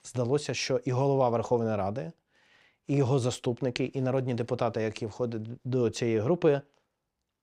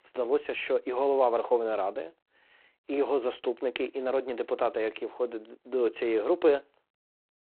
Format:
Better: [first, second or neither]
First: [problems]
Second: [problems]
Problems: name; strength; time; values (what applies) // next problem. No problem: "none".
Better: first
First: none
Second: phone-call audio; poor line; nothing above 3.5 kHz